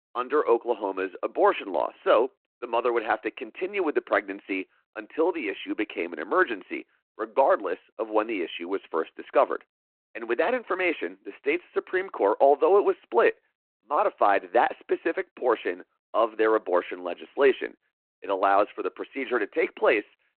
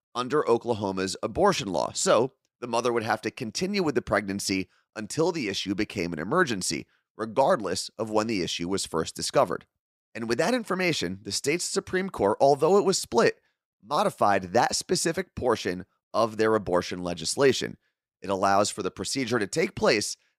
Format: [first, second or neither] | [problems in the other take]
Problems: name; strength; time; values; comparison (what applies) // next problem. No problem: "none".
second | phone-call audio